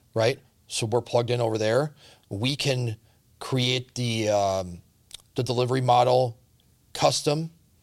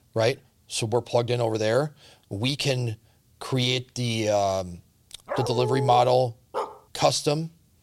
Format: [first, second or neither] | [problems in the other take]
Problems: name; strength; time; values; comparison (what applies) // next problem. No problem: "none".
first | dog barking; noticeable; at 5.5 s and at 6.5 s; peak 5 dB below the speech